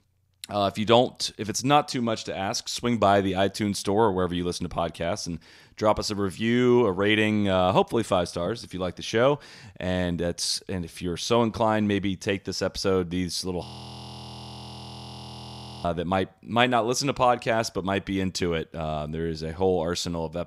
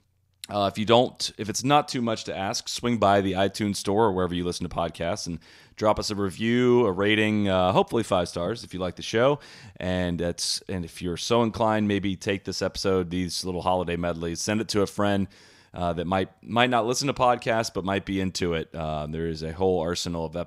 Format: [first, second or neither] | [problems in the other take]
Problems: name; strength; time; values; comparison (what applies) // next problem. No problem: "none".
second | audio freezing; at 14 s for 2 s